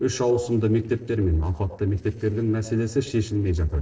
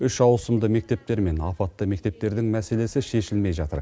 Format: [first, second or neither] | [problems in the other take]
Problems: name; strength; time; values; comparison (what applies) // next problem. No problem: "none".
second | noise reduction (neural separator model SepFormer DNS4)